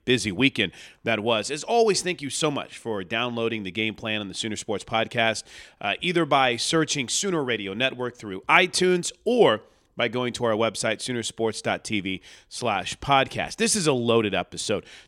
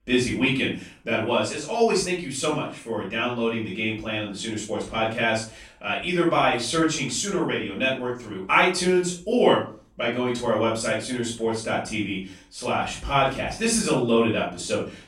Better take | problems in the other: first | off-mic speech; far // room echo; noticeable; dies away in 0.3 s

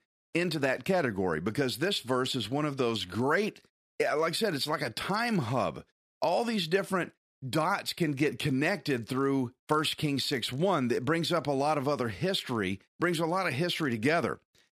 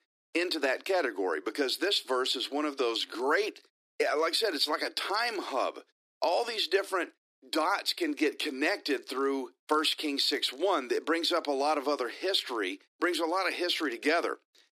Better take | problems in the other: first | thin; somewhat; fading below 300 Hz

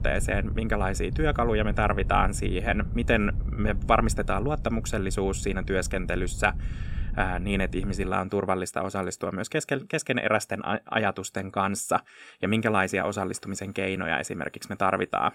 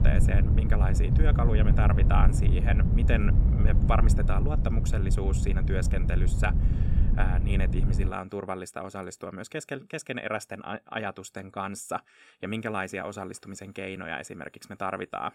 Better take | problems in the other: first | low rumble; loud; until 8 s; 5 dB below the speech; faint in the first

